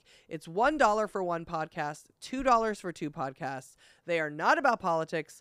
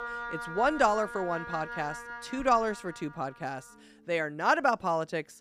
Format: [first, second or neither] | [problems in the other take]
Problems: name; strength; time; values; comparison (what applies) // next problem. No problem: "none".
first | background music; noticeable; throughout; 10 dB below the speech